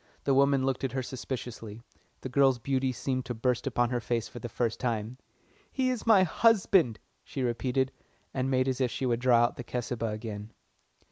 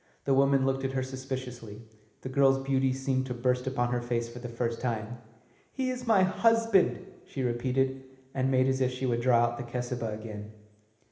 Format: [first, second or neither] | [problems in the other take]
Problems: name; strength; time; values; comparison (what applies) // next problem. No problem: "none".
first | room echo; dies away in 1 s